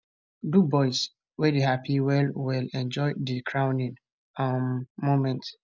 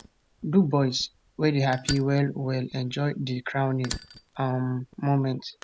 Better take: first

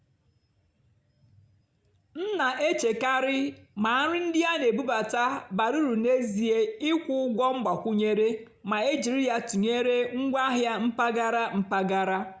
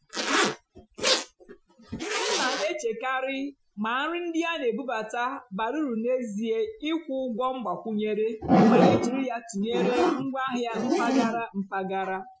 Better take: first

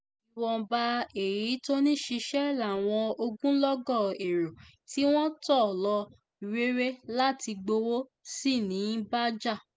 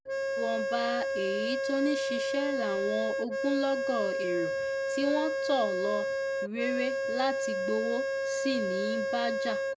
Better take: first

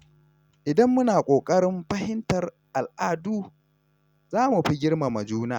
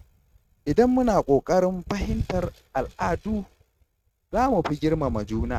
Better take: first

